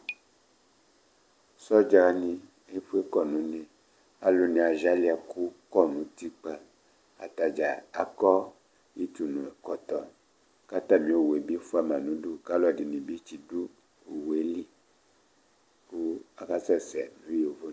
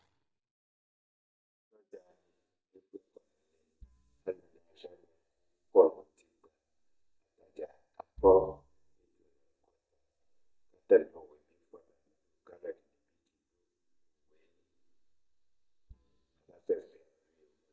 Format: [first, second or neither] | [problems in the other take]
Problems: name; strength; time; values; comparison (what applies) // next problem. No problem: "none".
first | noise reduction (neural mask model DeepFilterNet 3)